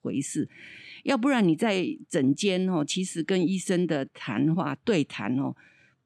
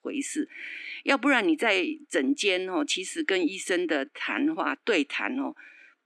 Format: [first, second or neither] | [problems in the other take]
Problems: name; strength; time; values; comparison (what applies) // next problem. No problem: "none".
first | thin; very slightly; fading below 300 Hz